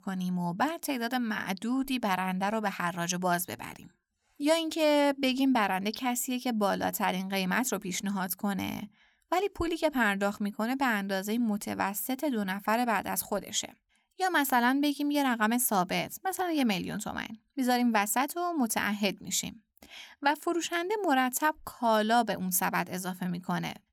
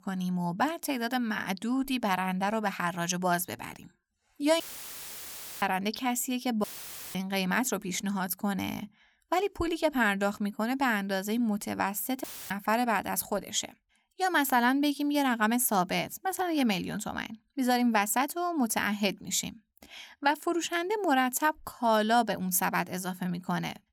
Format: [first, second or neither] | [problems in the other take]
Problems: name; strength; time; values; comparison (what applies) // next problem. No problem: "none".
first | audio cutting out; filled with static; at 4.5 s for 1 s, at 6.5 s for 0.5 s and at 12 s